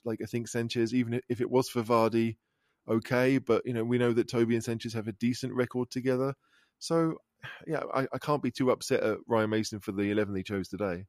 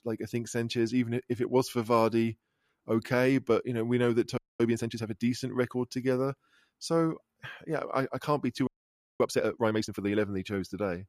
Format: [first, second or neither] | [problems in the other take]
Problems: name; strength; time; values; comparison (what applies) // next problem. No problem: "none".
first | audio freezing; at 4.5 s and at 8.5 s for 0.5 s